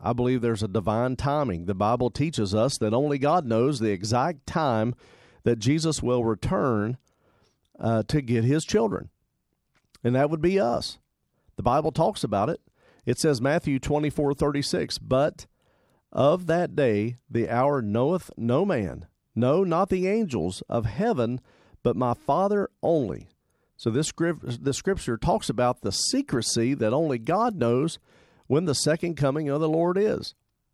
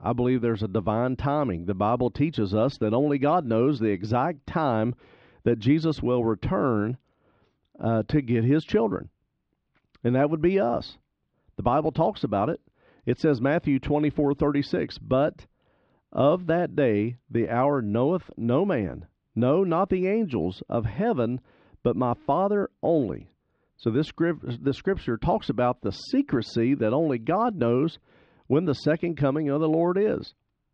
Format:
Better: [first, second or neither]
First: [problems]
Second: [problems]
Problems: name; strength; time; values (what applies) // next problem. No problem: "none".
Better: first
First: none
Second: muffled; slightly; fading above 3.5 kHz